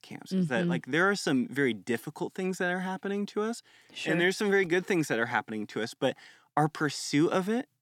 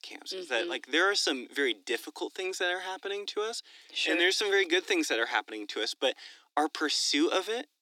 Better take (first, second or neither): first